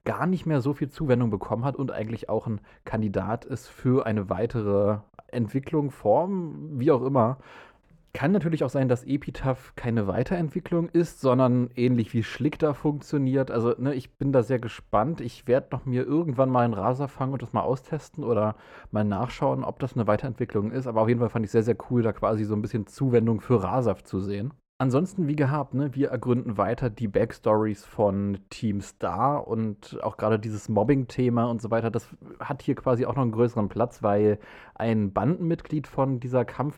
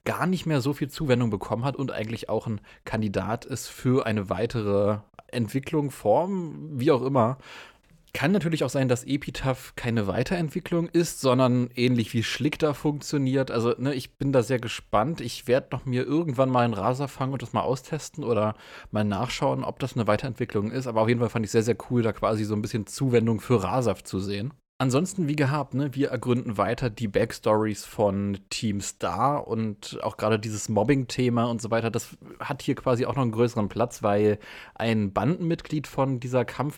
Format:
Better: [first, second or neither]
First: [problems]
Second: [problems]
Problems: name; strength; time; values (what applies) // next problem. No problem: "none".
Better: second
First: muffled; slightly; fading above 2 kHz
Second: none